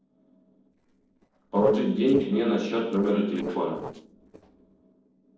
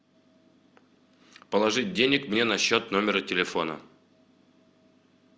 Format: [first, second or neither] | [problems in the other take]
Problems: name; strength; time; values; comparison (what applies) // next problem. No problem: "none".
second | noise reduction (neural separator model SepFormer DNS4)